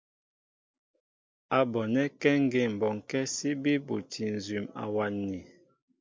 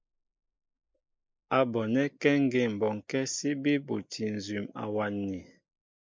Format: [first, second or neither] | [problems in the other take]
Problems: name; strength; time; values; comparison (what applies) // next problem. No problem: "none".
first | noise reduction (neural mask model Resemble Enhance denoiser)